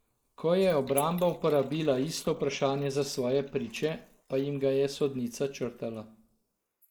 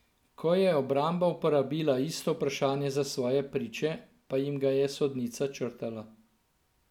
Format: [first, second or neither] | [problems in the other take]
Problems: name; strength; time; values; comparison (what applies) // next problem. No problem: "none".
second | noise reduction (neural mask model Resemble Enhance denoiser)